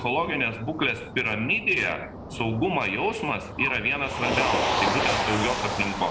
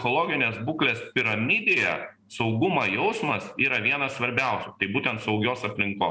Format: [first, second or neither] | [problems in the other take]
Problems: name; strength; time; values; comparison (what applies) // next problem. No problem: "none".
second | background sound (Motor vehicle (road)); 3 dB below the speech